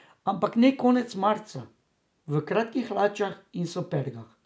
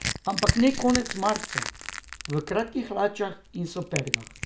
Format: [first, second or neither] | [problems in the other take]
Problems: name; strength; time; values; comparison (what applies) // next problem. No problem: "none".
first | background sound (Crushing); 5 dB below the speech